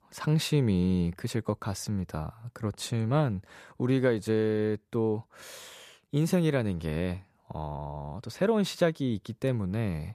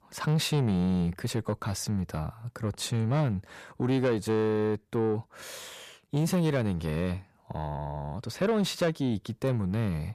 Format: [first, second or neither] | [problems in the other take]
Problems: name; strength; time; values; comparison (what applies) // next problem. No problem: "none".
first | distortion; slight; 10 dB below the speech